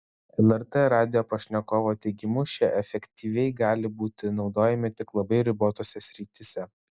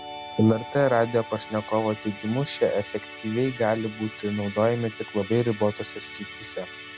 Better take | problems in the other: first | background sound (Musical instrument); 14 dB below the speech

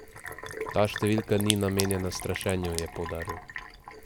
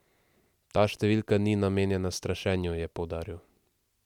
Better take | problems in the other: second | background sound (Sink (filling or washing)); 7 dB below the speech

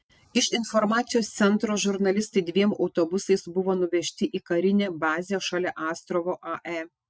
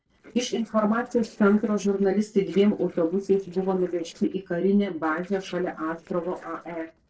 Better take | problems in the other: first | noise reduction (neural separator model SepFormer DNS4)

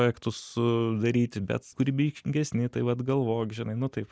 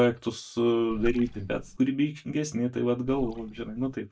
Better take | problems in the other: first | noise reduction (neural mask model DeepFilterNet 3)

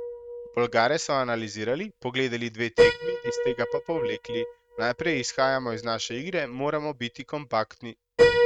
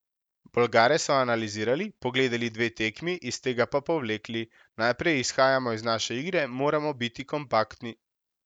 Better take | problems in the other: second | noise reduction (neural mask model RNNoise)

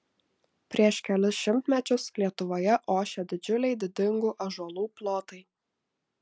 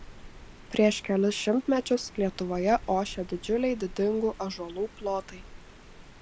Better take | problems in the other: first | background sound (Rain); 17 dB below the speech

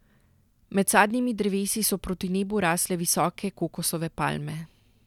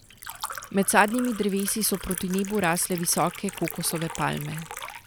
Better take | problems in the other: first | background sound (Liquid); 12 dB below the speech

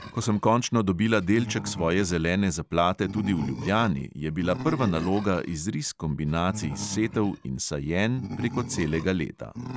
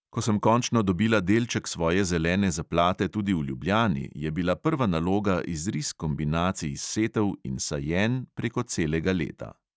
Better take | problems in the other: second | background sound (Animal); 12 dB below the speech

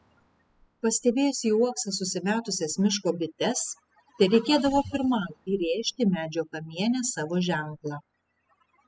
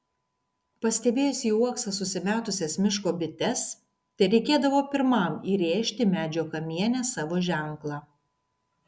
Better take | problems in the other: second | noise reduction (classical method spectral subtraction)

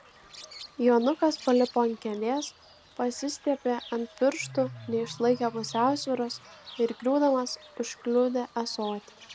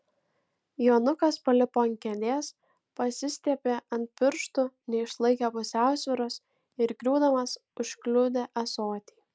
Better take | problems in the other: second | background sound (Bird + Bird / Fowl); 20 dB below the speech

